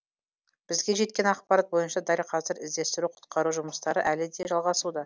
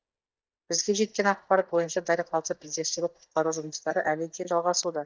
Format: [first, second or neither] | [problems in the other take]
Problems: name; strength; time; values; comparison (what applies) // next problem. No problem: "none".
first | noise reduction (neural mask model DeepFilterNet 3)